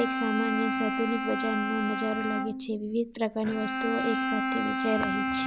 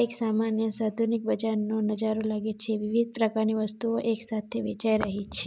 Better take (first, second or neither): second